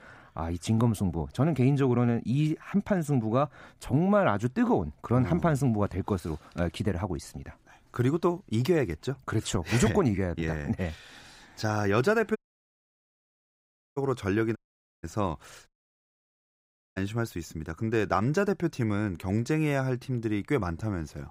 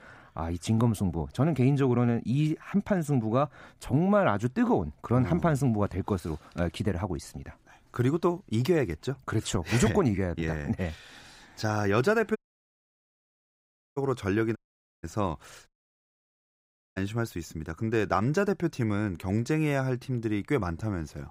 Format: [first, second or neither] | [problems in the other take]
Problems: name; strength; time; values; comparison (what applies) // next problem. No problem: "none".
neither | audio cutting out; at 12 s for 1.5 s, at 15 s and at 16 s for 1.5 s; the same in both